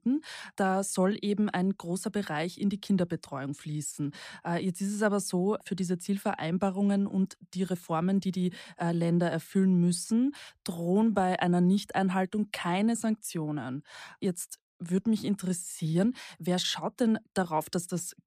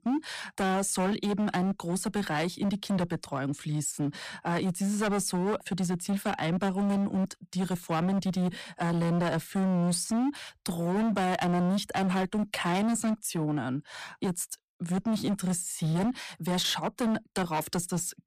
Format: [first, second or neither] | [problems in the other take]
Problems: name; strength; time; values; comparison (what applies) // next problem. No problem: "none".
first | distortion; heavy; 23% of the sound clipped